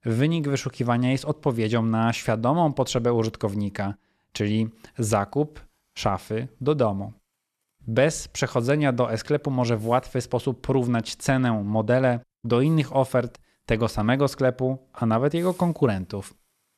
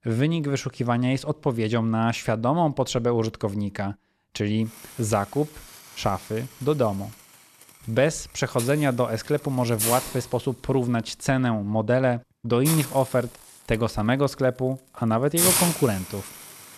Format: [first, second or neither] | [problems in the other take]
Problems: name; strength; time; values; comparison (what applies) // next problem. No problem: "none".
first | hiss; loud; from 4.5 s on; 1 dB below the speech; faint in the first